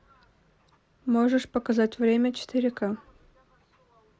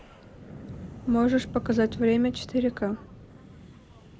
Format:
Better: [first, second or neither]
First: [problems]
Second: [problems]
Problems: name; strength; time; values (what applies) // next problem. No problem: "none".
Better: first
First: none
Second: background sound (Wind); 13 dB below the speech